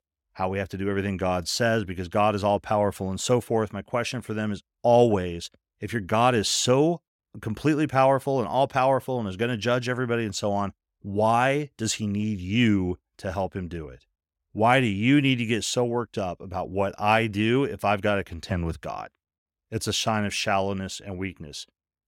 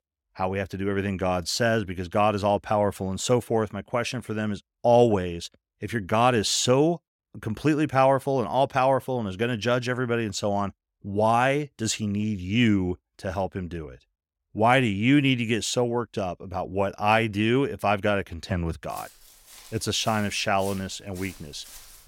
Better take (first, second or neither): first